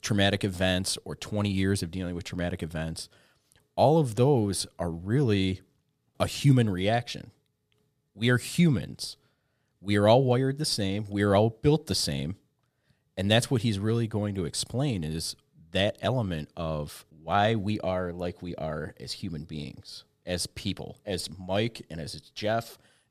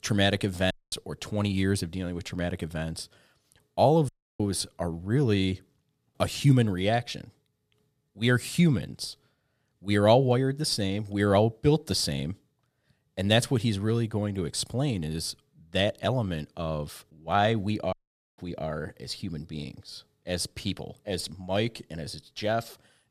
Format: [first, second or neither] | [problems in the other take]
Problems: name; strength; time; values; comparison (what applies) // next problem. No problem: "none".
first | audio cutting out; at 0.5 s, at 4 s and at 18 s